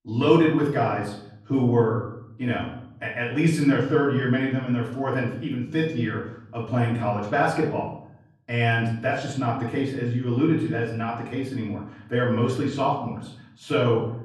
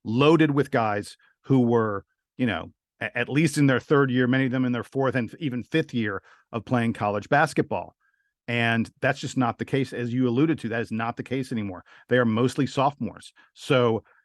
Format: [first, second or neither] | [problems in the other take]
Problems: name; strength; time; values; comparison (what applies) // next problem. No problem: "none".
second | room echo; noticeable; dies away in 0.7 s // off-mic speech; far